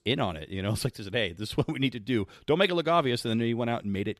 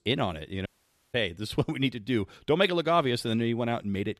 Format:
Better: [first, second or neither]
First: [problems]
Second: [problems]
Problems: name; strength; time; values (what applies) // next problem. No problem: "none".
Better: first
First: none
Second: audio cutting out; at 0.5 s